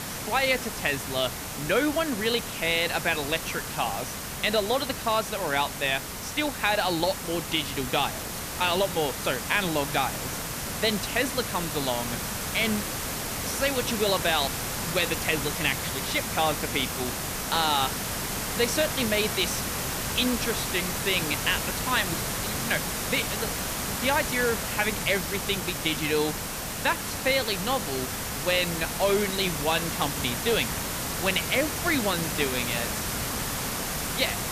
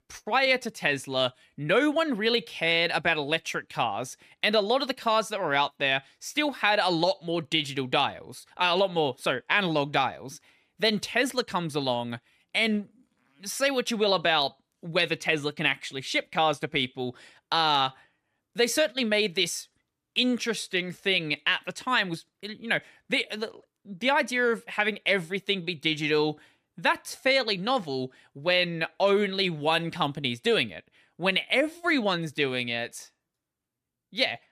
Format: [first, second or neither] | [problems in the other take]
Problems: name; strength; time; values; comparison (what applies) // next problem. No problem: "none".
second | hiss; loud; throughout; 3 dB below the speech